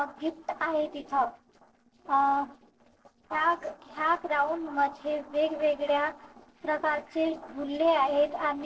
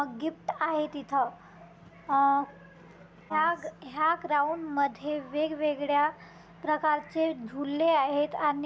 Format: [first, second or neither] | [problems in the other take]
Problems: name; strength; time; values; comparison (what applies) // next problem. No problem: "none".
second | noise reduction (neural separator model SepFormer DNS4)